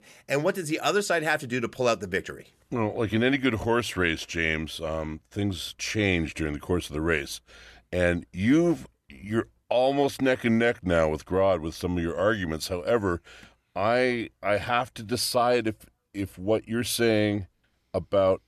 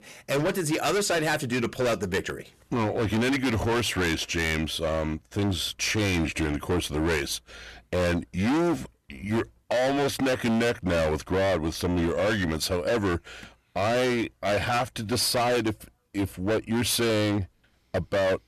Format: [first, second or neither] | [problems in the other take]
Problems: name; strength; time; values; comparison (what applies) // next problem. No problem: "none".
first | distortion; heavy; 23% of the sound clipped